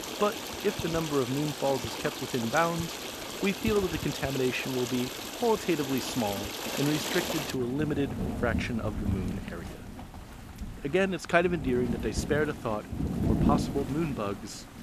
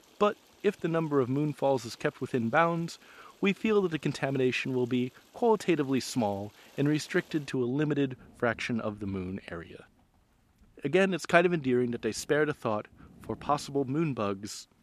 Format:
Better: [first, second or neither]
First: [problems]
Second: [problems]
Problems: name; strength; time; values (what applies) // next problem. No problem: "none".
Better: second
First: rain or running water; loud; throughout; 4 dB below the speech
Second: rain or running water; faint; throughout; 25 dB below the speech